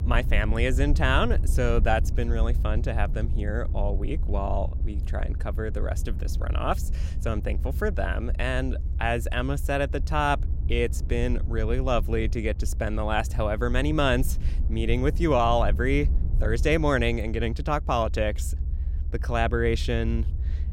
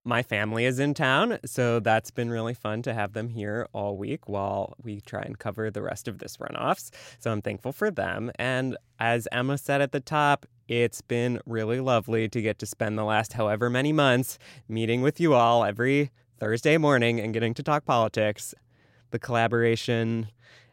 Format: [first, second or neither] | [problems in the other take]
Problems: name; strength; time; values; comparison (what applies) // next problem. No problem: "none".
second | low rumble; noticeable; throughout; 20 dB below the speech